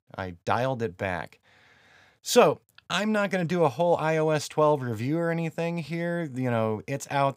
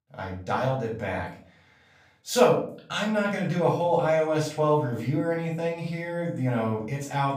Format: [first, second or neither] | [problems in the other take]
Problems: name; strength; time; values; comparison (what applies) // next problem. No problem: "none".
first | off-mic speech; far // room echo; noticeable; dies away in 0.4 s